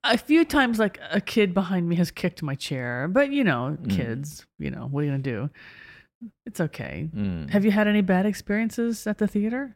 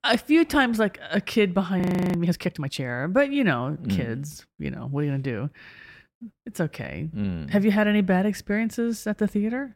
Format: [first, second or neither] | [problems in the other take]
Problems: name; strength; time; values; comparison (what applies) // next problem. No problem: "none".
first | audio freezing; at 2 s